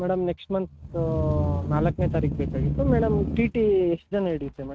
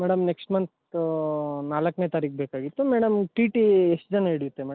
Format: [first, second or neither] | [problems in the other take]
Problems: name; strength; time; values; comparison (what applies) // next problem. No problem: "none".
second | noise reduction (neural mask model RNNoise)